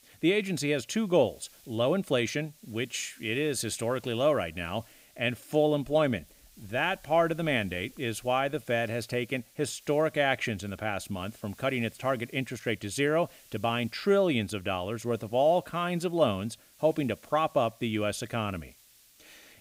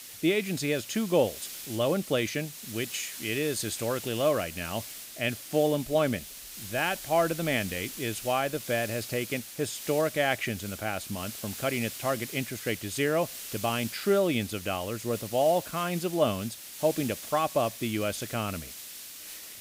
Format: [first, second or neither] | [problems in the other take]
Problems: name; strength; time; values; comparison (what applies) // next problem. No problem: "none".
first | hiss; loud; throughout; 10 dB below the speech; faint in the first